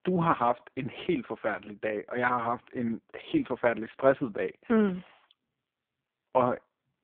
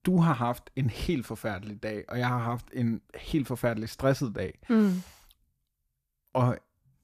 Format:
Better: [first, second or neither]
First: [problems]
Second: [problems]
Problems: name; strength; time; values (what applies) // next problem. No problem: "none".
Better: second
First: phone-call audio; poor line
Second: none